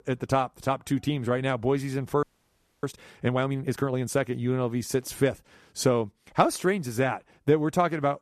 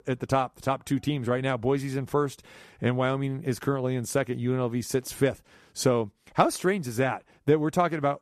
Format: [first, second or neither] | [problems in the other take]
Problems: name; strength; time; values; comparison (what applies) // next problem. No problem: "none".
second | audio freezing; at 2 s for 0.5 s